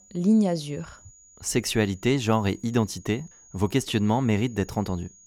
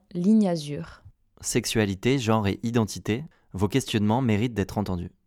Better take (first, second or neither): second